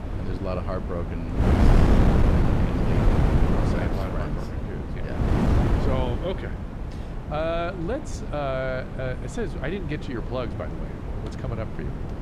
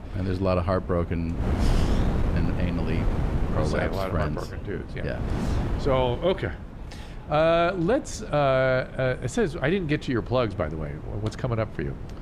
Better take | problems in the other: second | wind noise on the microphone; heavy; as loud as the speech; occasional gusts in the second

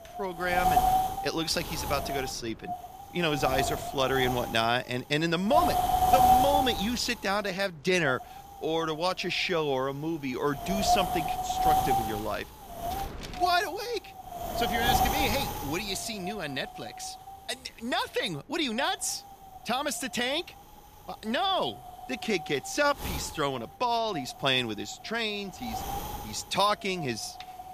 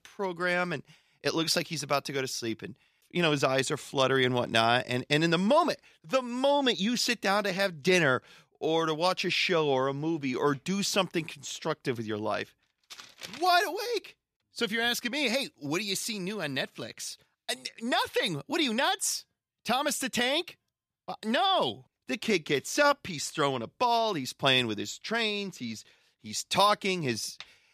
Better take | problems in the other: second | wind noise on the microphone; heavy; 1 dB above the speech

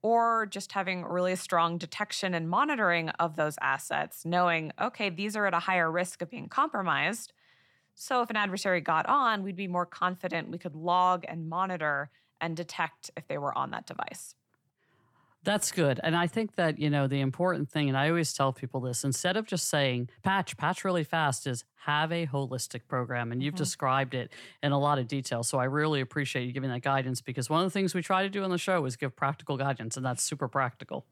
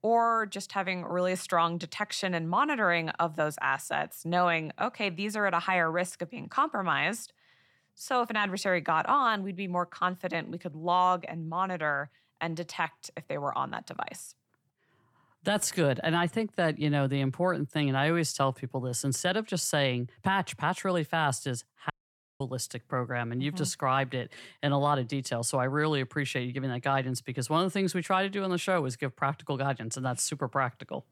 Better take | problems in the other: first | audio cutting out; at 22 s for 0.5 s

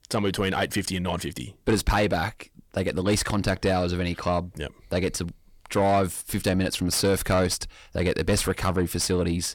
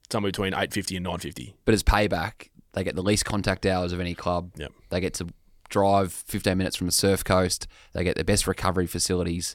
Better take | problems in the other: second | distortion; slight; 10 dB below the speech

